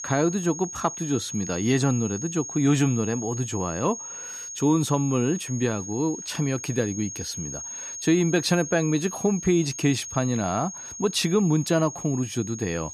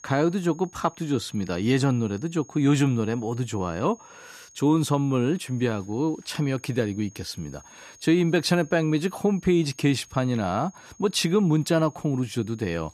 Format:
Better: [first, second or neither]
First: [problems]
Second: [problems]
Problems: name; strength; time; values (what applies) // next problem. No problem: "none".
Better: second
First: high-pitched whine; loud; throughout; 6.5 kHz, 9 dB below the speech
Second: high-pitched whine; faint; throughout; 6.5 kHz, 25 dB below the speech